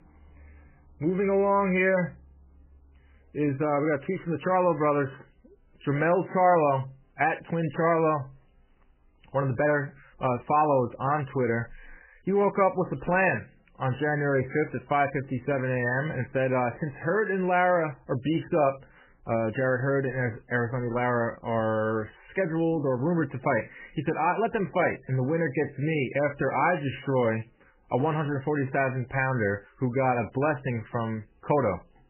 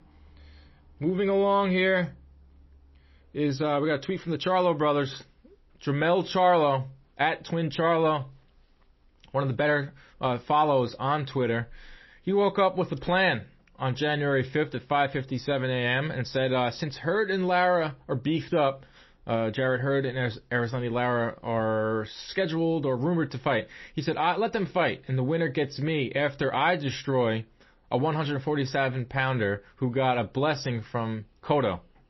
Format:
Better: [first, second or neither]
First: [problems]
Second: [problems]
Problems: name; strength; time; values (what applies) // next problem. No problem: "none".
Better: second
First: garbled, watery; badly; nothing above 2.5 kHz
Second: garbled, watery; slightly; nothing above 5.5 kHz